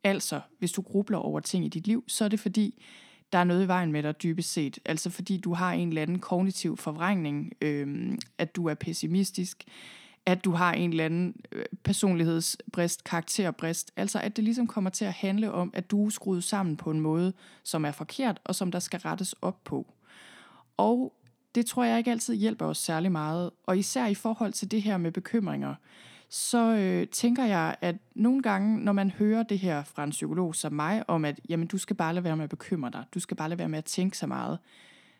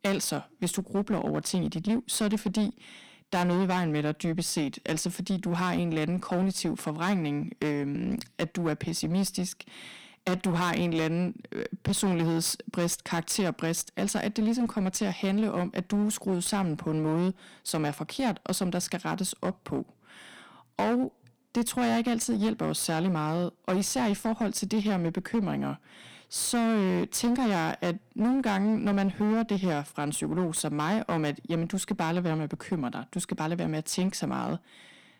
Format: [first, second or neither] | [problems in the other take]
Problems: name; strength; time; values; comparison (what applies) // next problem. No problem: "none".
first | distortion; slight; 16% of the sound clipped